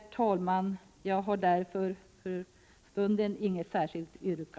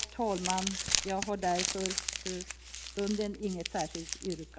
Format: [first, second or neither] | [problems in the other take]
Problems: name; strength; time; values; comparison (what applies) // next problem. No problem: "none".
first | background sound (Crumpling, crinkling); 2 dB below the speech